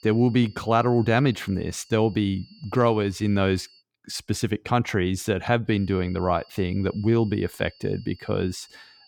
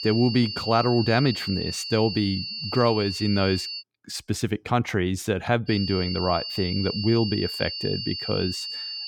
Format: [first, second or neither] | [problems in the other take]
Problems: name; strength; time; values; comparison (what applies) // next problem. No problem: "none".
first | high-pitched whine; loud; until 4 s and from 5.5 s on; 4.5 kHz, 6 dB below the speech; faint in the first